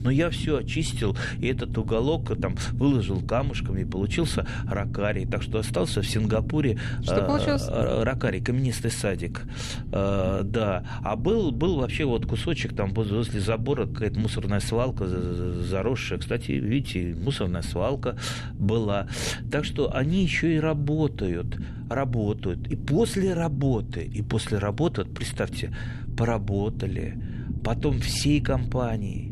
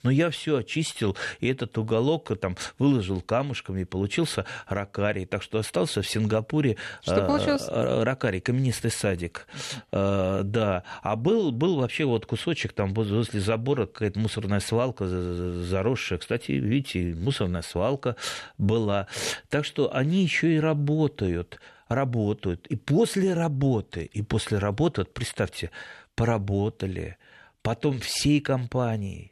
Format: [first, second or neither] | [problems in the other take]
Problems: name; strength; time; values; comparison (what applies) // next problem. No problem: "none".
second | low rumble; noticeable; throughout; 15 dB below the speech